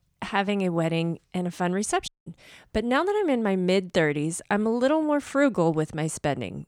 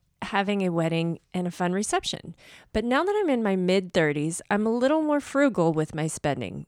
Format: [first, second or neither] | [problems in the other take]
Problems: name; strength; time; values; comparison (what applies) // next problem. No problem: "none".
second | audio cutting out; at 2 s